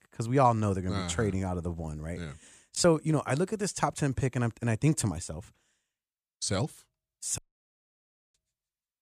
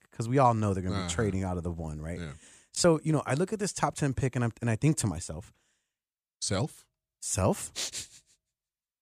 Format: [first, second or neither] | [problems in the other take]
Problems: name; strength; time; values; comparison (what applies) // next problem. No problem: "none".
second | audio cutting out; at 7.5 s for 1 s